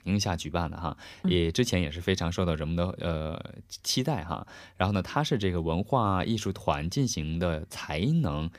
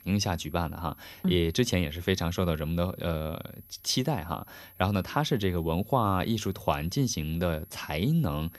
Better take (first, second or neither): first